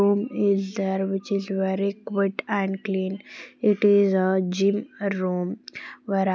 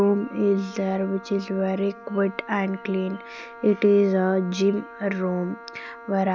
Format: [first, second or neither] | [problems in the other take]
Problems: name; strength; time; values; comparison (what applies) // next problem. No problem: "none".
first | background sound (Wind instrument, woodwind instrument); 18 dB below the speech